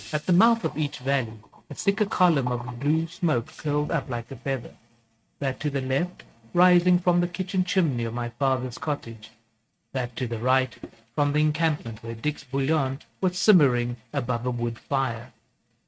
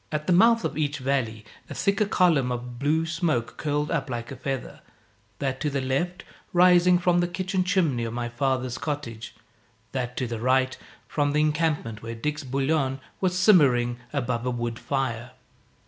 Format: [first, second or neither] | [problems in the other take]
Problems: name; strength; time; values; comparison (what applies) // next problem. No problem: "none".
second | noise reduction (neural mask model RNNoise)